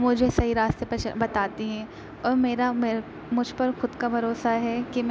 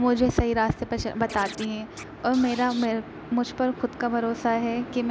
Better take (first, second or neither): first